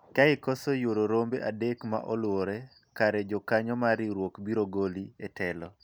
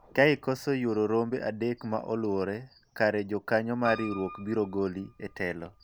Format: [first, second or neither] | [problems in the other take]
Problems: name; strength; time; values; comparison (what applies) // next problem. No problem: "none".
first | background sound (Piano); 19 dB below the speech